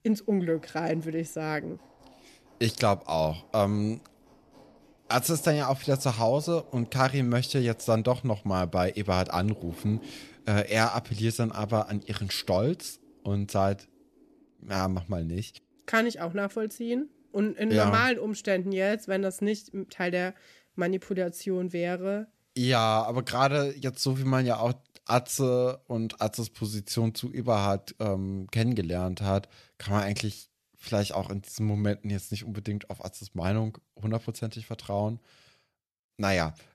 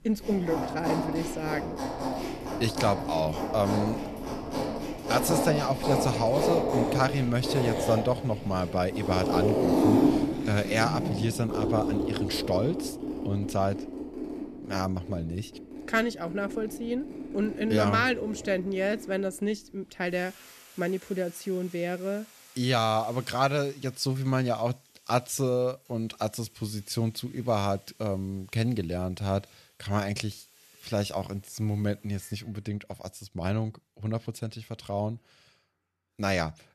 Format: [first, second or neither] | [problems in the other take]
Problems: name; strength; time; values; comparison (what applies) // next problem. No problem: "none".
first | household noises; loud; throughout; 1 dB below the speech; faint in the first